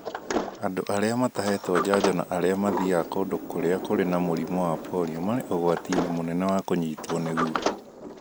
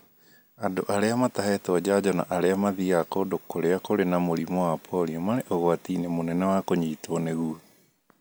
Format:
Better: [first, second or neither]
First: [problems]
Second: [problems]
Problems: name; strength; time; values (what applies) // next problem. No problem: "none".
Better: second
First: background sound (Sliding door); 6 dB below the speech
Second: none